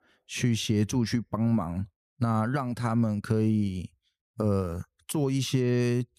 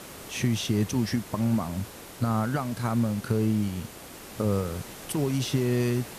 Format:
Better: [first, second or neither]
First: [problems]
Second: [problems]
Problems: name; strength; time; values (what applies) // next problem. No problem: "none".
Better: first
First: none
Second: hiss; noticeable; throughout; 15 dB below the speech